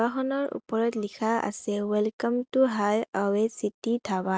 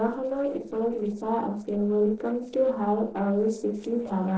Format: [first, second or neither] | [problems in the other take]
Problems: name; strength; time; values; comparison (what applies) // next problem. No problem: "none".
first | noise reduction (neural separator model SepFormer DNS4)